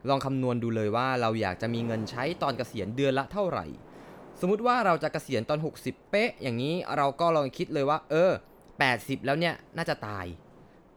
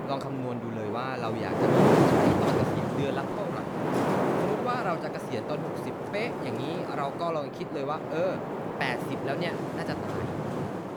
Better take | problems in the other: first | wind noise on the microphone; heavy; 3 dB above the speech; occasional gusts in the first

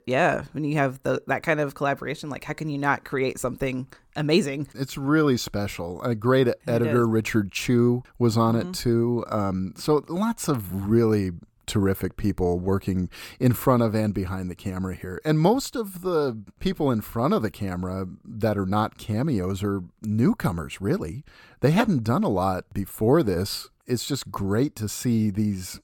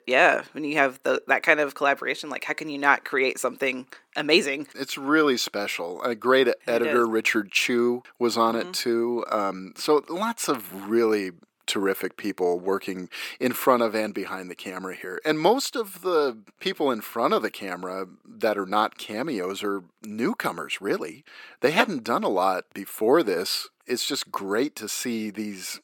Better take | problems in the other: first | thin; somewhat; fading below 300 Hz

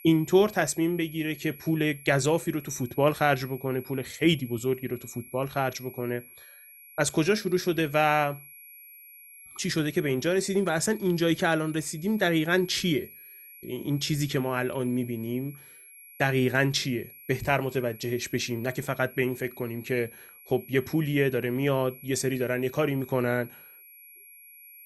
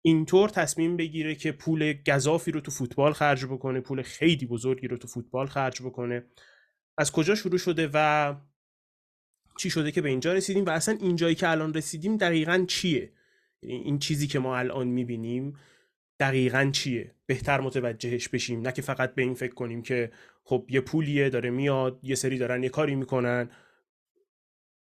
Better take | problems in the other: second | high-pitched whine; noticeable; throughout; 11.5 kHz, 20 dB below the speech

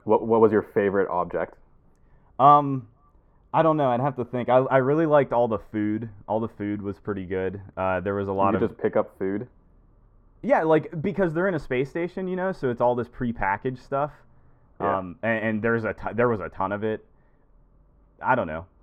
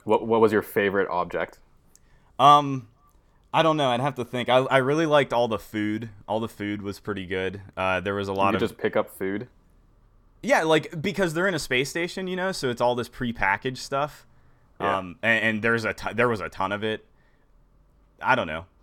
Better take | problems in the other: second | muffled; very; fading above 2.5 kHz

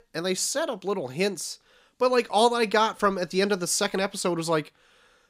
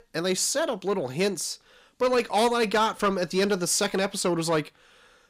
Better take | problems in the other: first | distortion; slight; 10 dB below the speech

